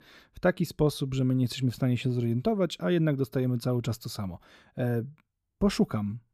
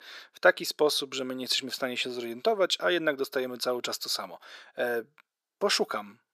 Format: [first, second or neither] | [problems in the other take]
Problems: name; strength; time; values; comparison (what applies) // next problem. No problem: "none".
first | thin; very; fading below 450 Hz